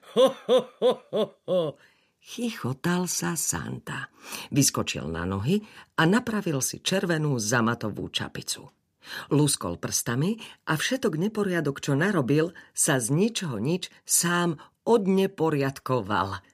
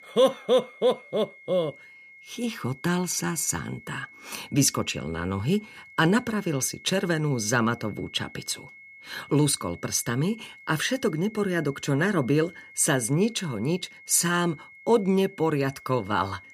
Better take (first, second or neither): first